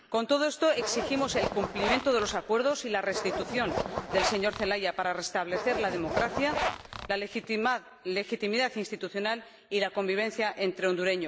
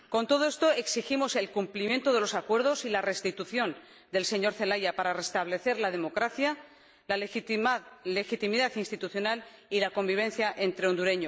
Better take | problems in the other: second | background sound (Zipper (clothing)); 5 dB below the speech

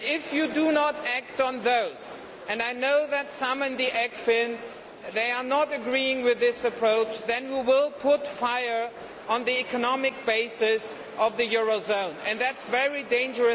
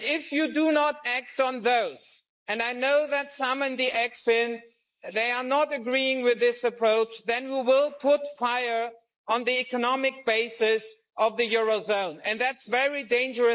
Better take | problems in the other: first | noise reduction (neural mask model Resemble Enhance denoiser)

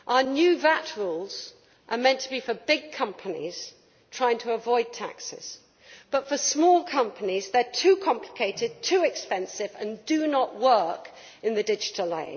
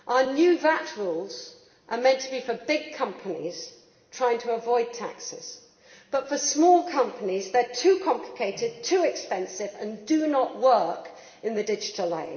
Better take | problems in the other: first | room echo; dies away in 1.2 s

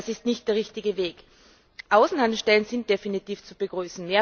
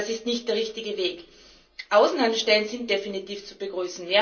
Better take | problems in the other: first | room echo; dies away in 0.3 s

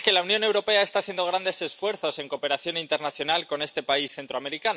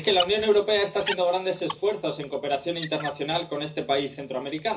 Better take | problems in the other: first | background sound (Squeak); 13 dB below the speech // room echo; dies away in 0.4 s

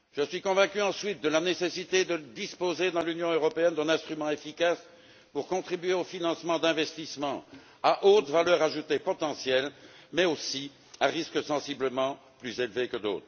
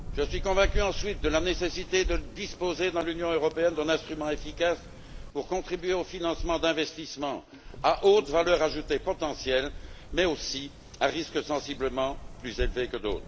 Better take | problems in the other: first | background sound (Bird vocalization, bird call, bird song); 8 dB below the speech

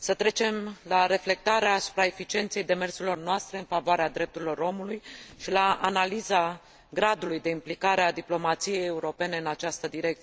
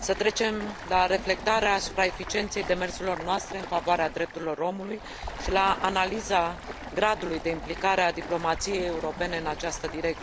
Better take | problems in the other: first | background sound (Stream); 11 dB below the speech

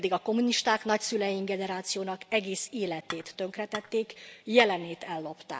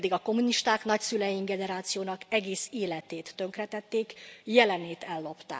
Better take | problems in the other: second | background sound (Dishes, pots, and pans / Chink, clink); 13 dB below the speech

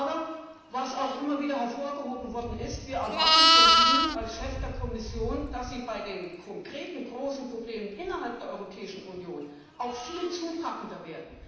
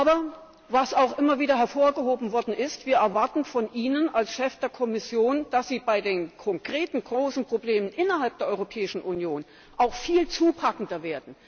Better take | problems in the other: second | background sound (Livestock, farm animals, working animals); 5 dB above the speech // room echo; dies away in 1.1 s

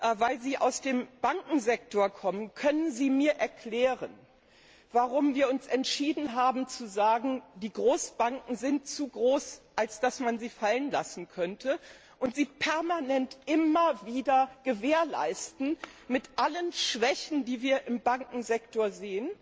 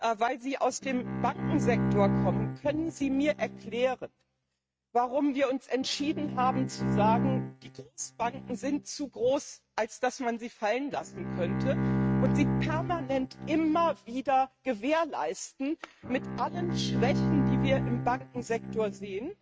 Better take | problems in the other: first | noise reduction (neural mask model RNNoise)

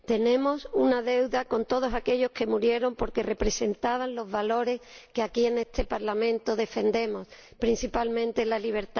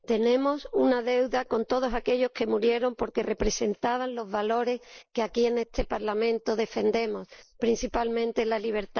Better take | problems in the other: first | noise reduction (neural mask model Resemble Enhance denoiser)

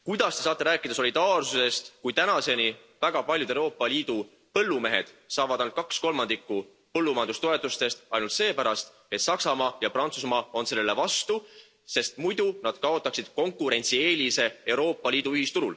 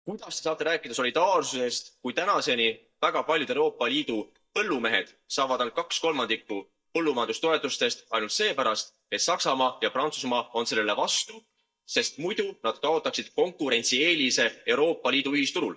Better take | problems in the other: first | noise reduction (neural mask model DeepFilterNet 3)

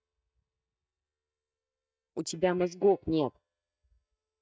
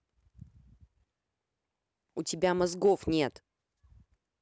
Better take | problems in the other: second | noise reduction (neural mask model DeepFilterNet 3)

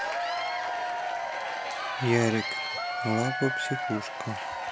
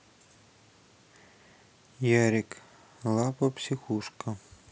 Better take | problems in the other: second | background sound (Applause / Crowd / Cheering); as loud as the speech

